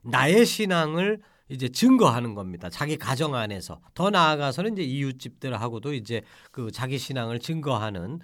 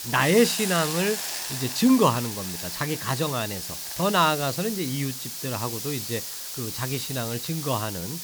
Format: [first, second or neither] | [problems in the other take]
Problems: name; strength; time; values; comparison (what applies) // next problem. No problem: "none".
first | hiss; loud; throughout; 5 dB below the speech